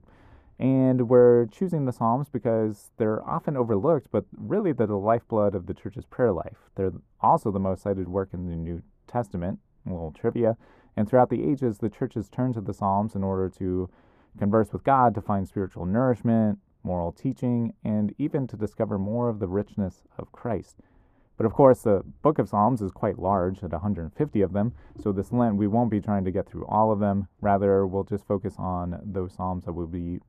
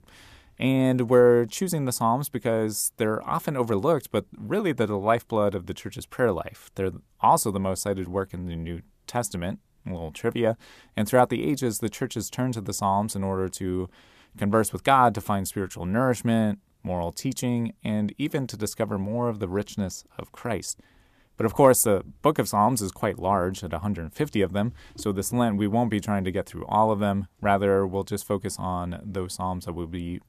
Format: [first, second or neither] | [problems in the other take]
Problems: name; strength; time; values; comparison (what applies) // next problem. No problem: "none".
second | muffled; very; fading above 2 kHz